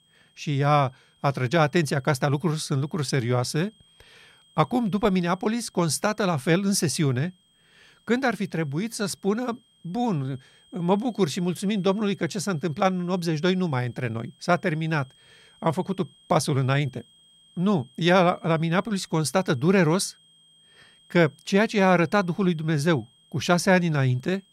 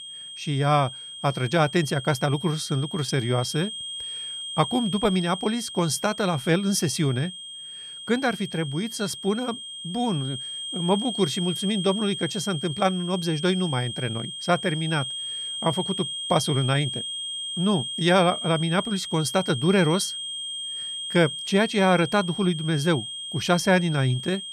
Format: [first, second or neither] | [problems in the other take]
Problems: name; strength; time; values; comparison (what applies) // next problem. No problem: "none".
first | high-pitched whine; loud; throughout; 3 kHz, 7 dB below the speech; faint in the first